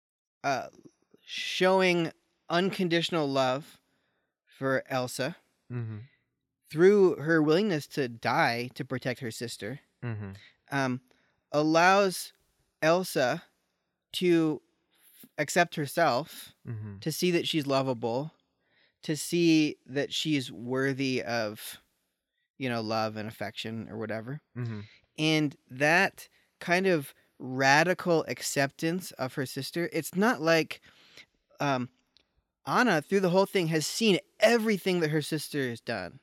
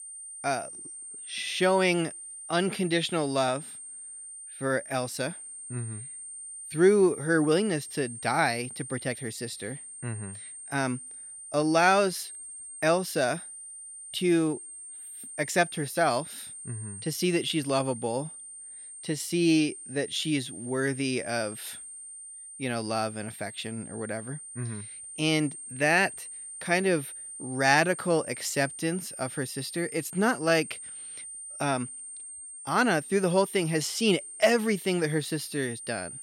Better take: first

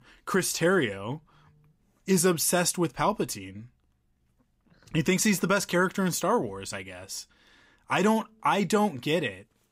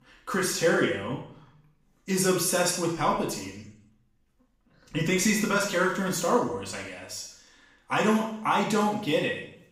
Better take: first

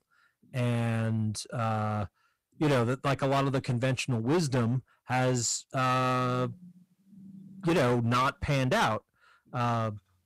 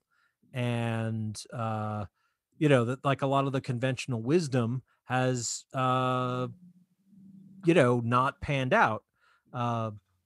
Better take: second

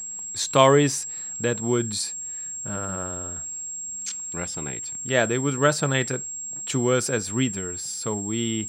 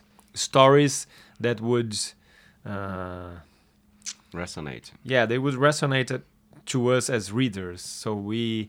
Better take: second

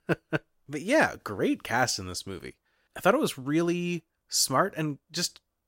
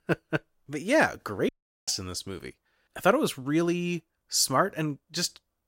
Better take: first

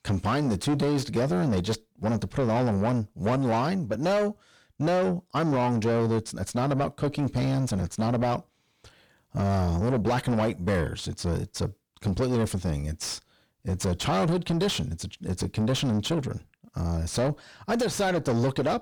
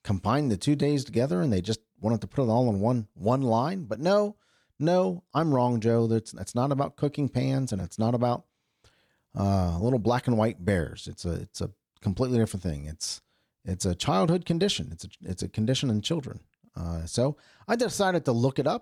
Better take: second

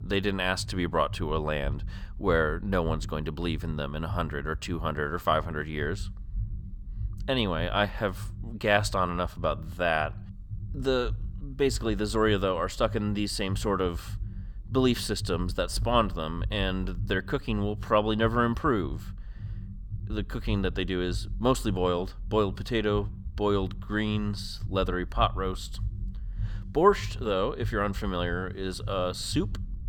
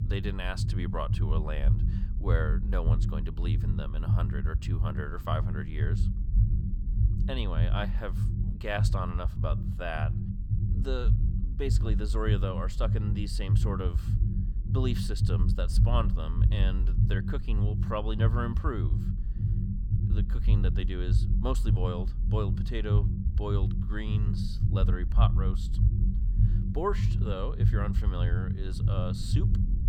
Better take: first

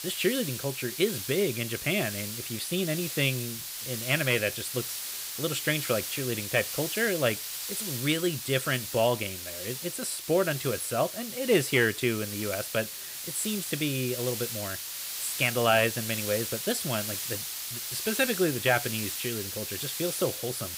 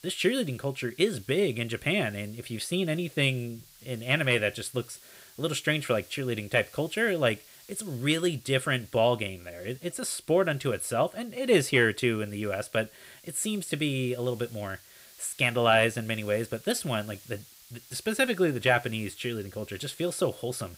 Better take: second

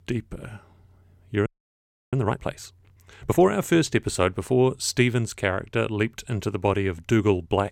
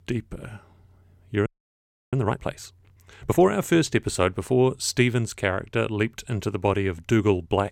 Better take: neither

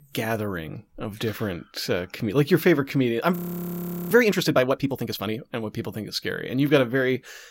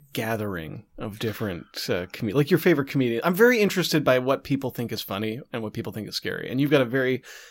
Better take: second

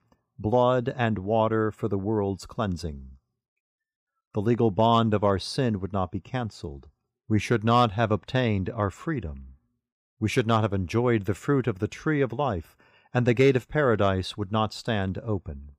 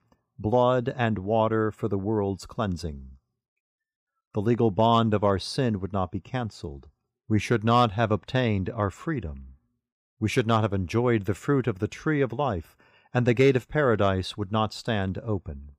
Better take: neither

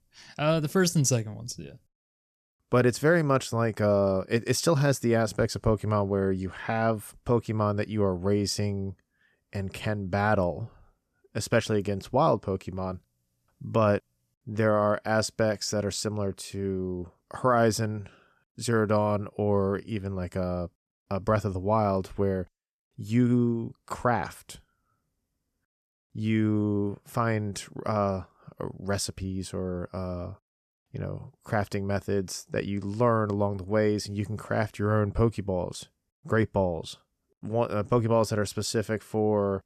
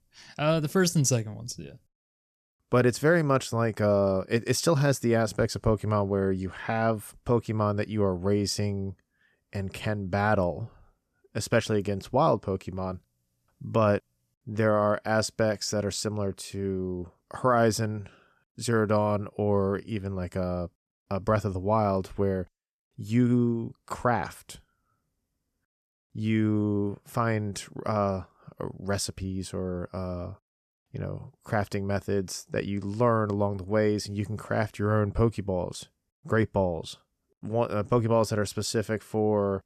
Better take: neither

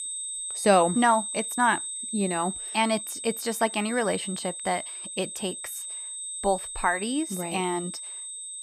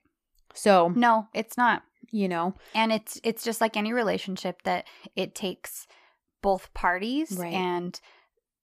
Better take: second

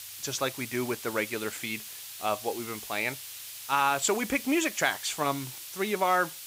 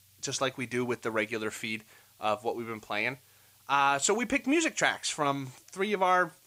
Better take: second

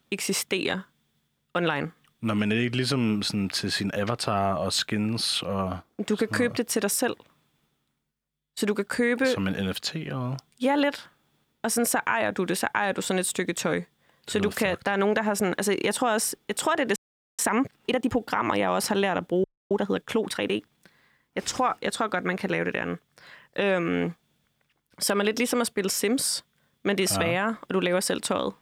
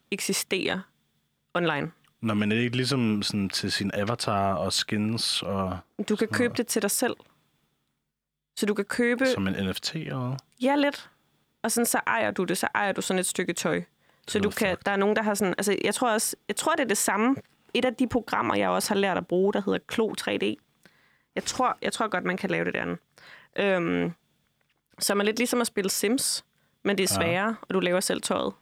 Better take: second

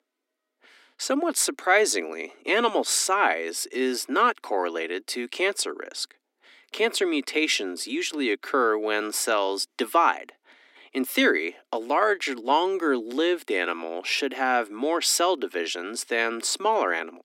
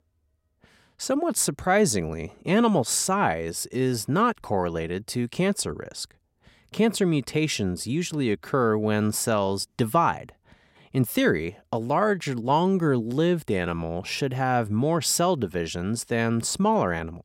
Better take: second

